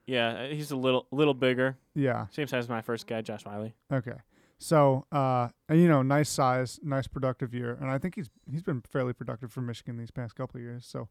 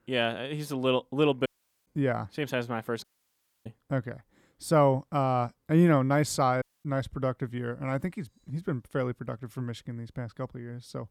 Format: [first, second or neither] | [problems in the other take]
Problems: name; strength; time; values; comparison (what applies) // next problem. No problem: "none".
first | audio cutting out; at 1.5 s, at 3 s for 0.5 s and at 6.5 s